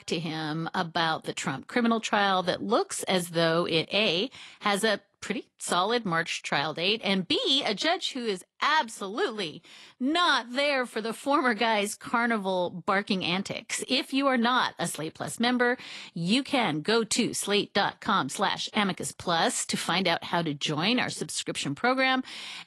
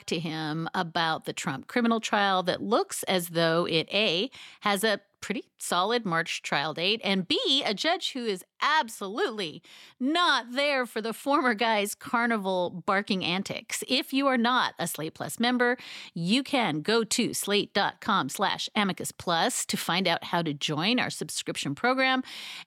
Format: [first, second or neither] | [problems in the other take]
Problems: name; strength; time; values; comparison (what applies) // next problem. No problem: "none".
second | garbled, watery; slightly; nothing above 11.5 kHz